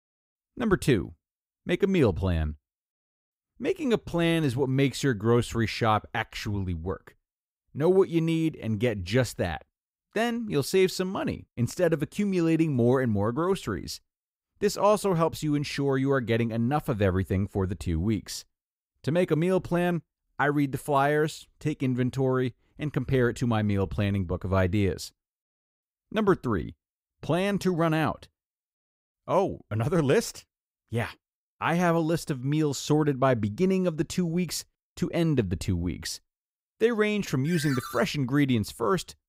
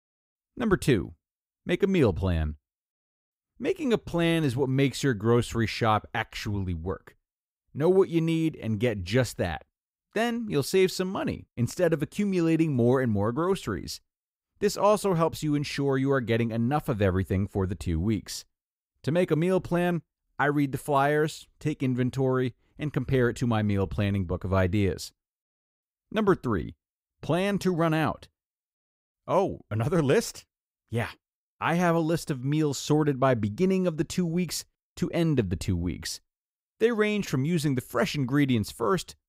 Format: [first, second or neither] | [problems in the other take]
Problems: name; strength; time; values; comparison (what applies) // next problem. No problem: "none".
second | phone ringing; noticeable; at 37 s; peak 9 dB below the speech